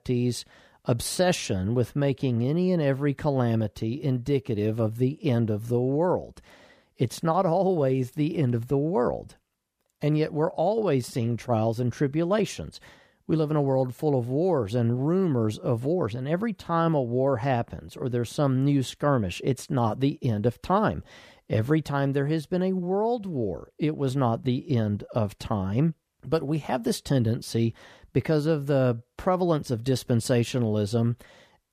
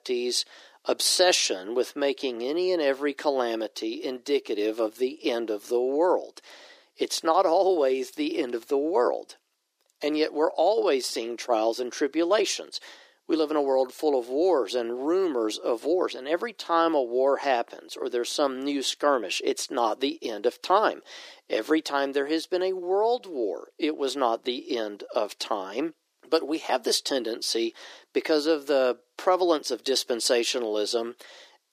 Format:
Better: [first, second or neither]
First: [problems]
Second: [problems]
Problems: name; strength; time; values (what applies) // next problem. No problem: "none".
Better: first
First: none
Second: thin; somewhat; fading below 300 Hz